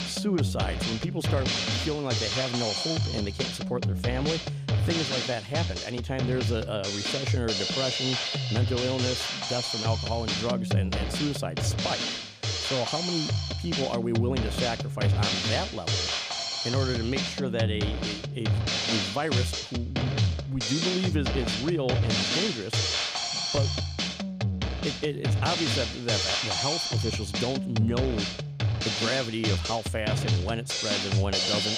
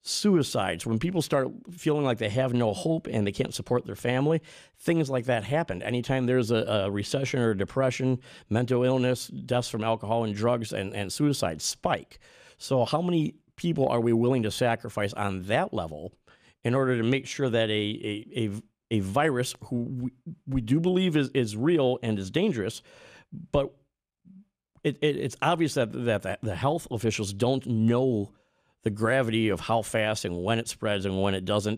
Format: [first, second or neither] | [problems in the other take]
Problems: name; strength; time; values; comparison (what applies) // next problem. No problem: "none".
second | background music; very loud; throughout; 4 dB above the speech